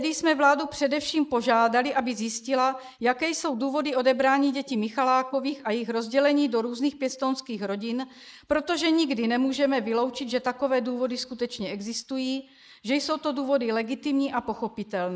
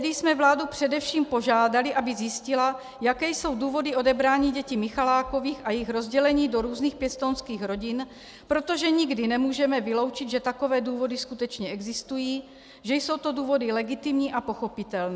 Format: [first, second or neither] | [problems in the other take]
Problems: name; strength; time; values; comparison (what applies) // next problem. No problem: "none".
second | noise reduction (neural mask model Resemble Enhance denoiser)